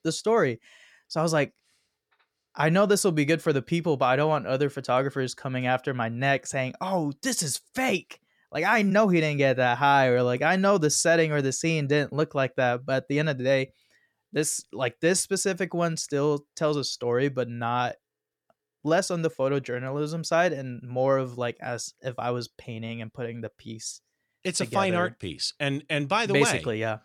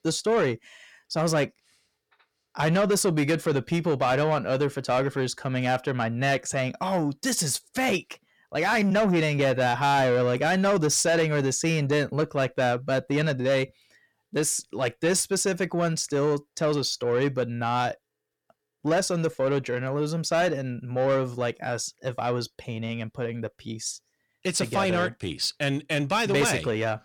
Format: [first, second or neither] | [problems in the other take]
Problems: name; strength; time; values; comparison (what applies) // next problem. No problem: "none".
first | distortion; slight; 10 dB below the speech